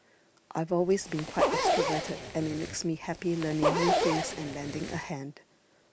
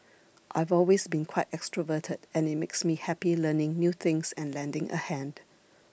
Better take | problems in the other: second | background sound (Zipper (clothing)); 1 dB above the speech

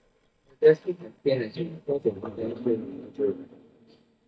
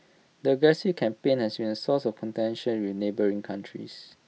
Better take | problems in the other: second | noise reduction (neural mask model DeepFilterNet 3)

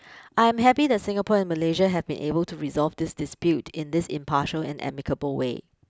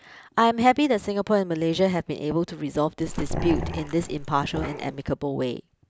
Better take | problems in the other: first | background sound (Growling); 6 dB below the speech

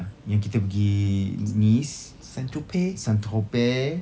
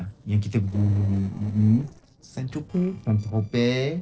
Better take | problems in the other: first | noise reduction (neural separator model SepFormer DNS4)

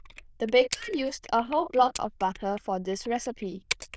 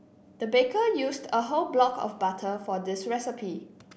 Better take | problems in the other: second | noise reduction (neural diffusion model UNIVERSE++)

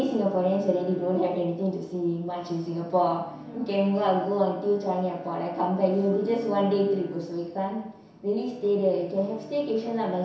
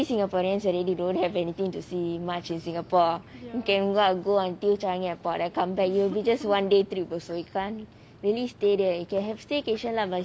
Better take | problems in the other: second | background sound (Bowed string instrument); 19 dB below the speech // room echo; dies away in 0.7 s

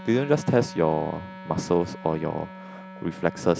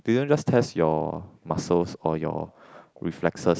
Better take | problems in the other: second | background sound (Wind instrument, woodwind instrument); 15 dB below the speech

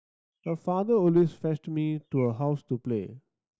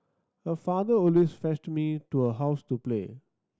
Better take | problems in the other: second | noise reduction (neural mask model DeepFilterNet 3)

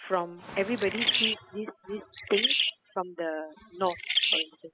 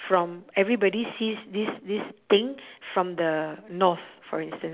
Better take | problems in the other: second | noise reduction (classical method spectral subtraction)

